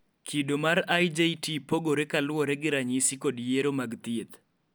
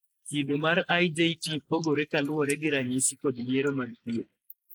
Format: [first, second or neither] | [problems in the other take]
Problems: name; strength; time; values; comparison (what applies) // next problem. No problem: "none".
first | noise reduction (neural mask model Resemble Enhance denoiser)